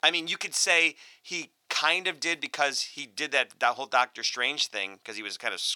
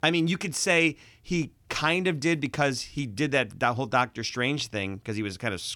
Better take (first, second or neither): second